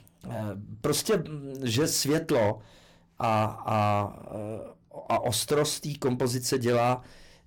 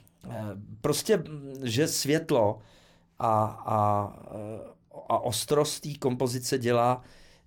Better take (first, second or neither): second